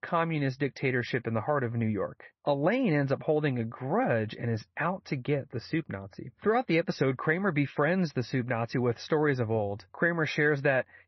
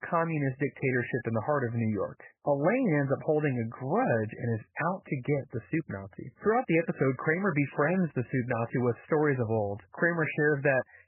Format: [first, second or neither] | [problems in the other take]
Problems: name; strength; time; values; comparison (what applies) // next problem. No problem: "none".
first | garbled, watery; badly; nothing above 2.5 kHz; slightly in the first